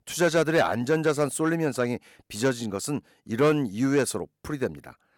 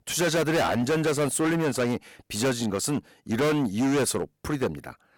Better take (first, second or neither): first